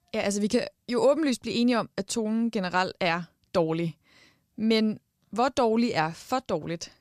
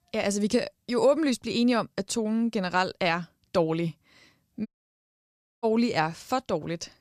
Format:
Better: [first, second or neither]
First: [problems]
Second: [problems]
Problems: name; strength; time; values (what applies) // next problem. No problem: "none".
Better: first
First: none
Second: audio cutting out; at 4.5 s for 1 s